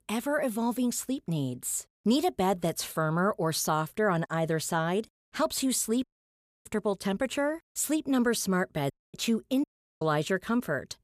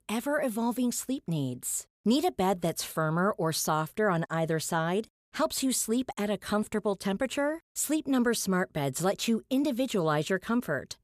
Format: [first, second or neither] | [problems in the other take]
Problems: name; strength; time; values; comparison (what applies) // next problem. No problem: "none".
second | audio cutting out; at 6 s for 0.5 s, at 9 s and at 9.5 s